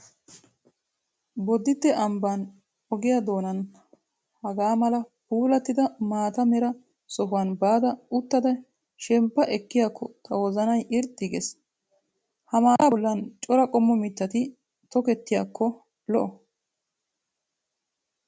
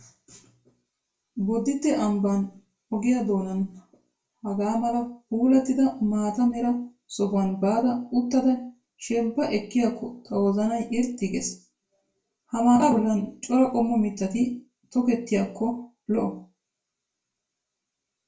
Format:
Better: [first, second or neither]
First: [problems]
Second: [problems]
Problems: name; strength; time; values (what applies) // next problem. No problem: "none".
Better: first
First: none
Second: room echo; dies away in 0.3 s